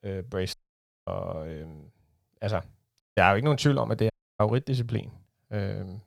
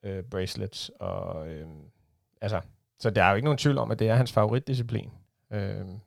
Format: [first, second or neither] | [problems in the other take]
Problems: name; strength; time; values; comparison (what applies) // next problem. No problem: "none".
second | audio cutting out; at 0.5 s for 0.5 s, at 3 s and at 4 s